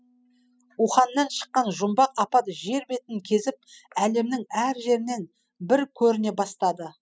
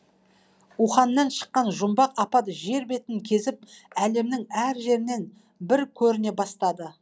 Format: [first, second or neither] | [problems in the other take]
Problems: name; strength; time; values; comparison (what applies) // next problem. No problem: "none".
second | noise reduction (classical method spectral subtraction)